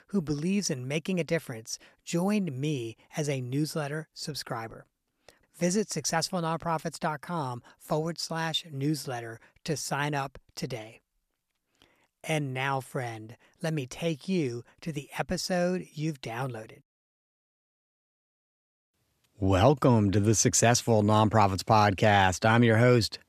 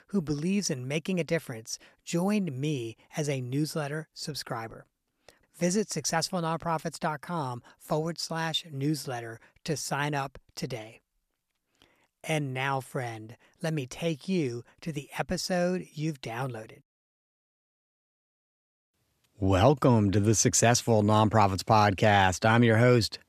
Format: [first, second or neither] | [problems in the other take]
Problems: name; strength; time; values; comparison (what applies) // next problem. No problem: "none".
neither | none